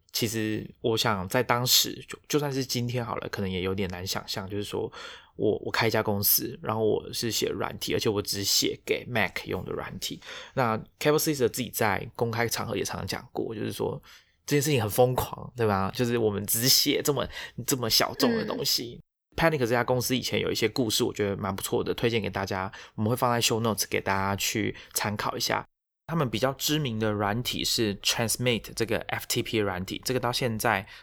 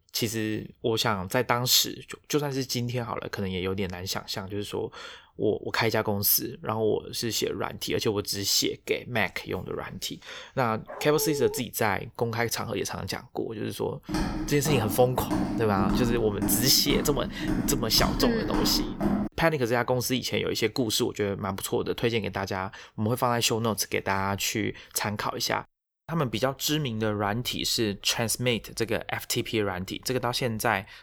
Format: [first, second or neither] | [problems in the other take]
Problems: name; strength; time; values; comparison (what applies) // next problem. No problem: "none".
first | dog barking; noticeable; at 11 s; peak 6 dB below the speech // footsteps; noticeable; from 14 to 19 s; peak 1 dB below the speech